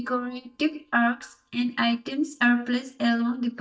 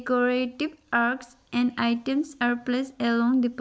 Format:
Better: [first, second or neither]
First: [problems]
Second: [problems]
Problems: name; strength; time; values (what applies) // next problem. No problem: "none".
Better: second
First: noise reduction (neural mask model DeepFilterNet 3)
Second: none